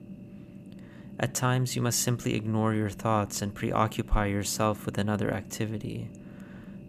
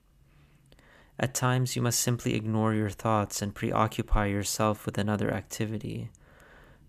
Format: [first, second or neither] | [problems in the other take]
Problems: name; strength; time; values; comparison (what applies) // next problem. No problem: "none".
second | low rumble; faint; throughout; 20 dB below the speech